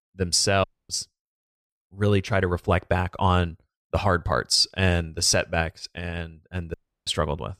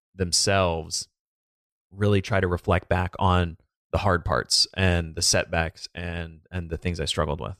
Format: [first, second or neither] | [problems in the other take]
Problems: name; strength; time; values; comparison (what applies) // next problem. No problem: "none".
second | audio cutting out; at 0.5 s and at 6.5 s